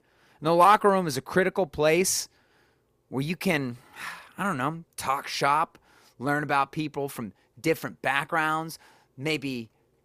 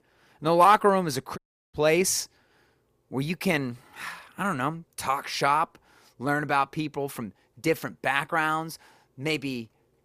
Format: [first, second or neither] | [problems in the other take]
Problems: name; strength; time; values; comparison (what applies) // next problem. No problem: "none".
first | audio cutting out; at 1.5 s